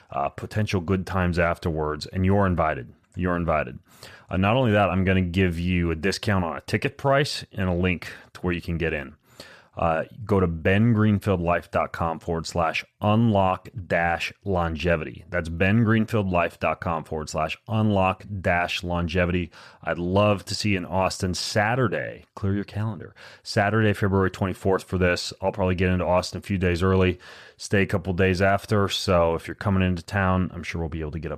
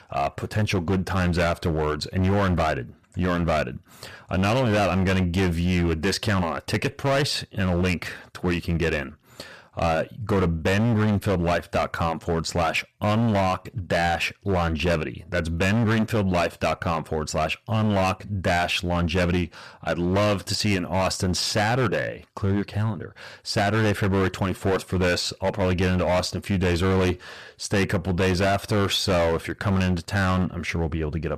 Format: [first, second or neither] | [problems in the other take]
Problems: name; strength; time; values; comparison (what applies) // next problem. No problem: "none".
first | distortion; heavy; 17% of the sound clipped